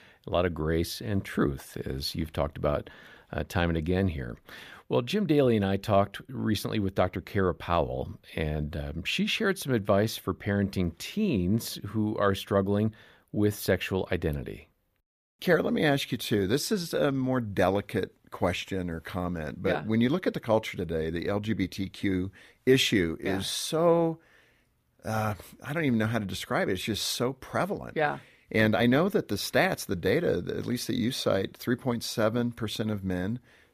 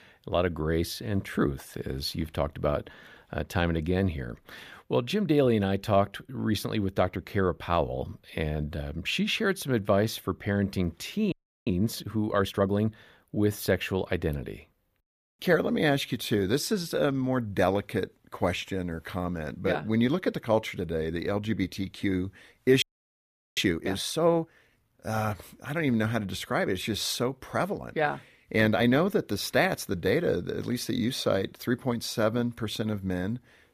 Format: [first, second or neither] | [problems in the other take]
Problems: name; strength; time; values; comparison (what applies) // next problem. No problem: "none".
first | audio freezing; at 11 s and at 23 s for 1 s